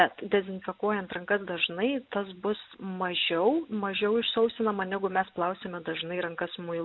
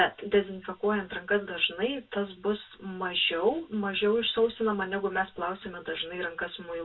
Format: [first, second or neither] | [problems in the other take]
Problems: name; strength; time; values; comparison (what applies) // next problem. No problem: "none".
first | room echo; dies away in 0.1 s